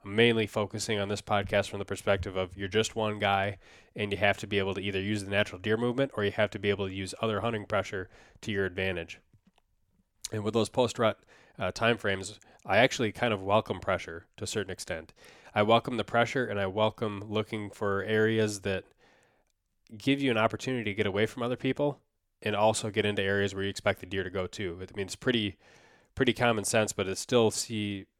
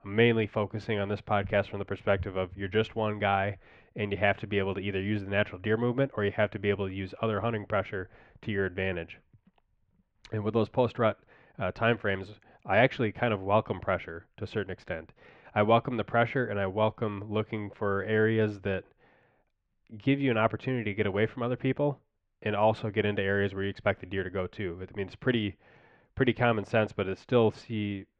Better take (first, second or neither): first